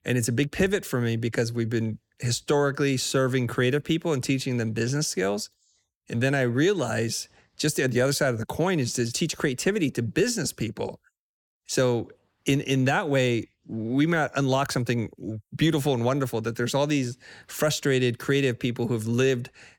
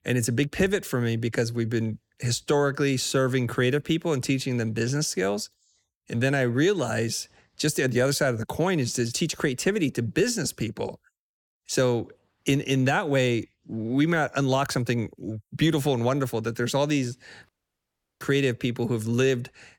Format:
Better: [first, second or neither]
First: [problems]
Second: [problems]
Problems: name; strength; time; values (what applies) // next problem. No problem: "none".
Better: first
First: none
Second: audio cutting out; at 17 s for 0.5 s